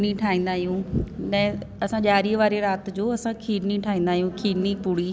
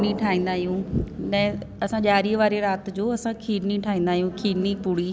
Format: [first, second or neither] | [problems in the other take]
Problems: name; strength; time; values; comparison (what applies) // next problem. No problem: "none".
first | background sound (Drum); 18 dB below the speech